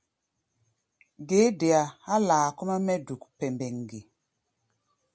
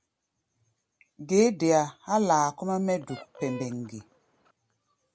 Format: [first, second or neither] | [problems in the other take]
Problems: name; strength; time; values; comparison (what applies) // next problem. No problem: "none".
first | background sound (Fowl); 17 dB below the speech